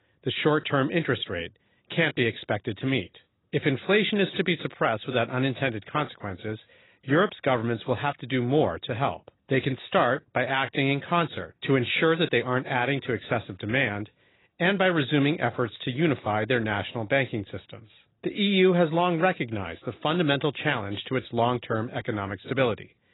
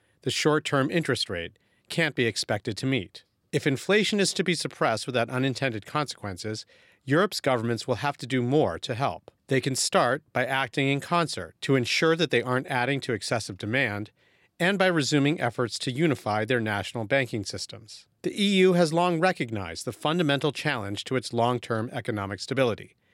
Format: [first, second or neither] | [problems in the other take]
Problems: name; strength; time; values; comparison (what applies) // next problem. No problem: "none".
second | garbled, watery; badly; nothing above 4 kHz